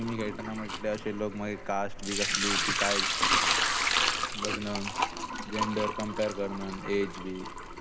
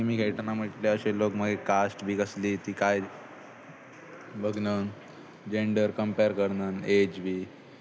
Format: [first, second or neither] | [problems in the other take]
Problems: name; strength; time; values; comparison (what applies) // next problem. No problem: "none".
second | background sound (Sink (filling or washing) / Liquid); 3 dB above the speech